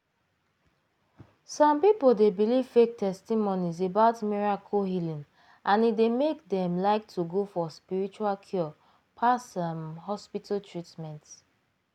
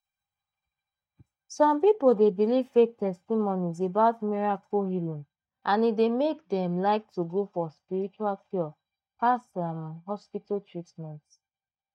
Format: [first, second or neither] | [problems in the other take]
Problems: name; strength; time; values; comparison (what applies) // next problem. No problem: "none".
first | noise reduction (neural mask model DeepFilterNet 3)